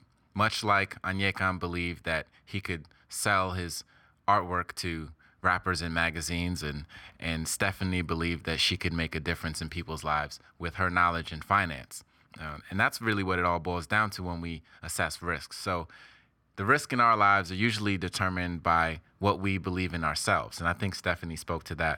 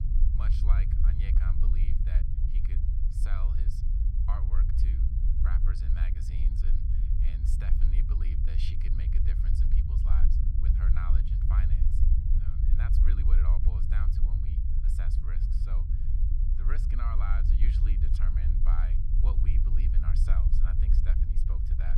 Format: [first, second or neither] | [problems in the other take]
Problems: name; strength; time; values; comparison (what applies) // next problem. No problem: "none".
first | low rumble; loud; throughout; 1 dB below the speech